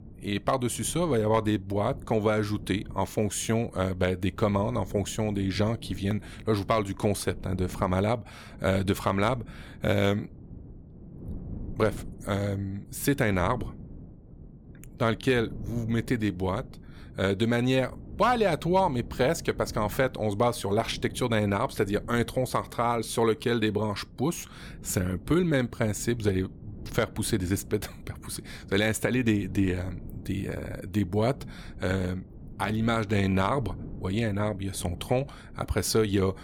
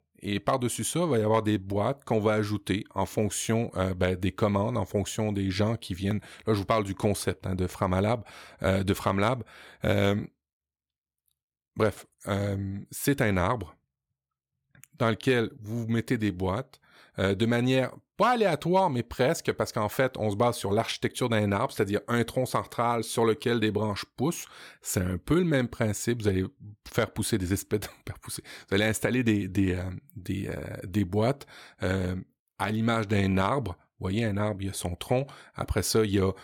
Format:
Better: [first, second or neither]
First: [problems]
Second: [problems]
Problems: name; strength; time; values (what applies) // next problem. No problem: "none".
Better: second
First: wind noise on the microphone; occasional gusts; 25 dB below the speech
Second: none